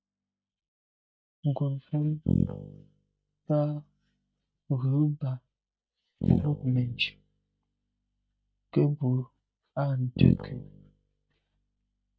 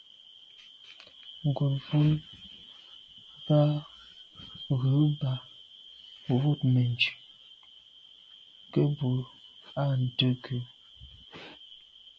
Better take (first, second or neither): second